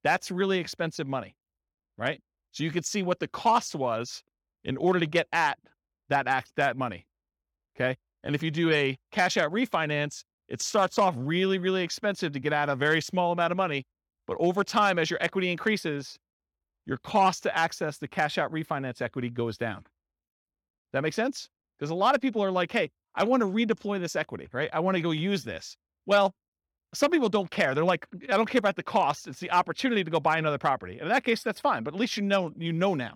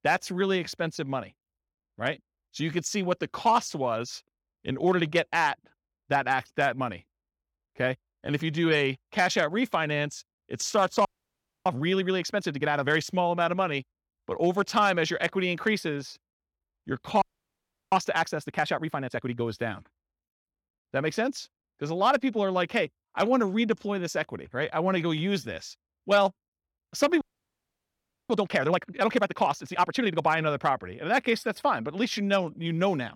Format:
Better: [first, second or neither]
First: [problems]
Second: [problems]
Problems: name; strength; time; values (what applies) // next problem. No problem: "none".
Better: first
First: none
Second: audio freezing; at 11 s for 0.5 s, at 17 s for 0.5 s and at 27 s for 1 s